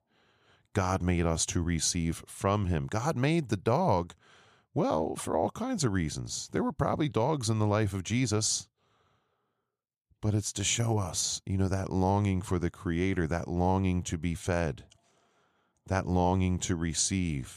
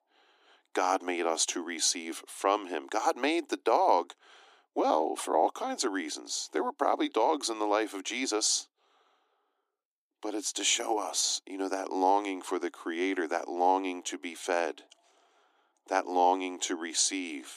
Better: first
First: none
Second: thin; somewhat; fading below 300 Hz

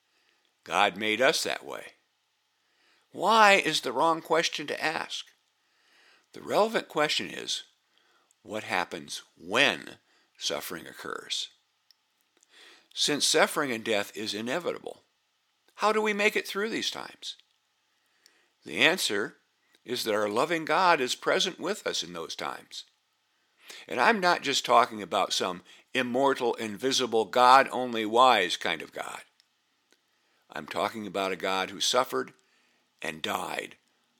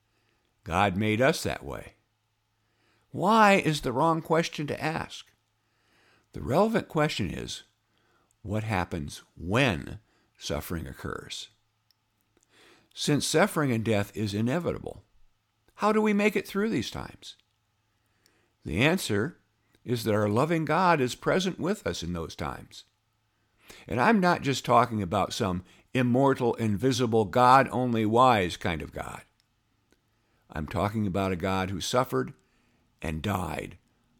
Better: second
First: thin; somewhat; fading below 350 Hz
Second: none

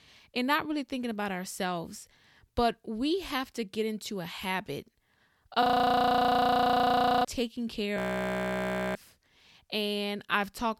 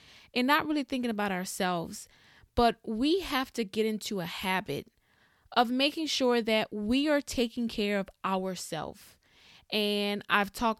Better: second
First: audio freezing; at 5.5 s for 1.5 s and at 8 s for 1 s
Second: none

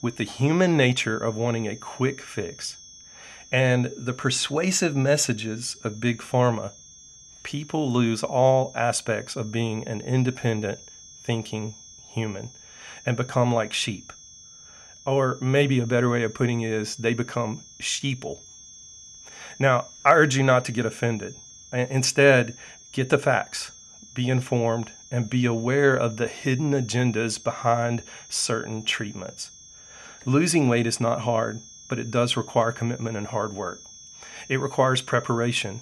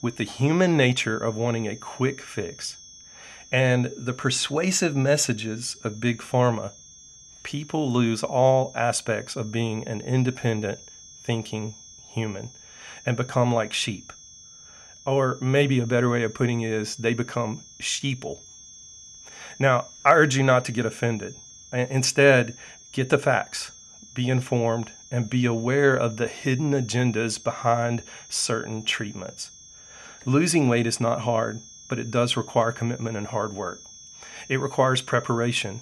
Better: neither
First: high-pitched whine; noticeable; throughout; 6.5 kHz, 20 dB below the speech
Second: high-pitched whine; noticeable; throughout; 6.5 kHz, 20 dB below the speech

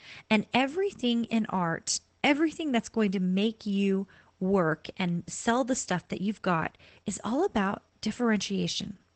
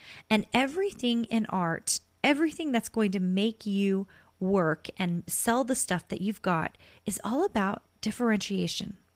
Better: second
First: garbled, watery; badly; nothing above 8 kHz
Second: garbled, watery; slightly; nothing above 15.5 kHz

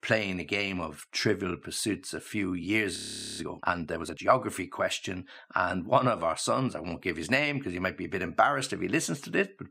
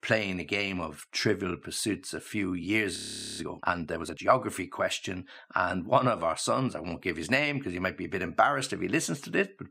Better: neither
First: audio freezing; at 3 s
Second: audio freezing; at 3 s

